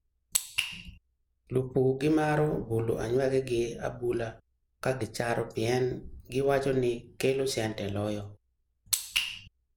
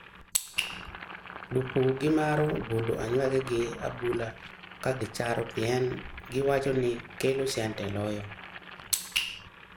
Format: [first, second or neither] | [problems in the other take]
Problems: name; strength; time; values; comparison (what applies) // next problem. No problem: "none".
first | background sound (Boiling); 14 dB below the speech